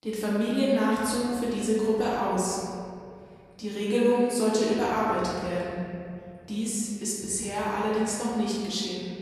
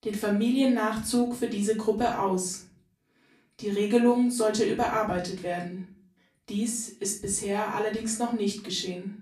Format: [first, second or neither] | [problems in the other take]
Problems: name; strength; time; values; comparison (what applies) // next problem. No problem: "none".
second | room echo; strong; dies away in 3 s; slight in the second // off-mic speech; far; far in the second